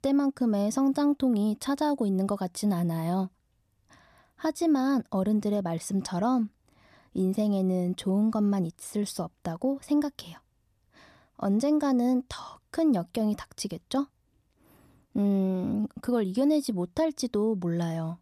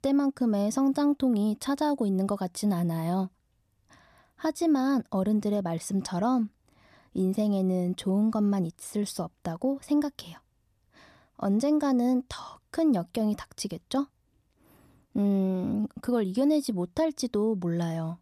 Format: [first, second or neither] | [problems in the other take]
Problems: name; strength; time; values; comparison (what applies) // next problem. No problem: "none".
neither | none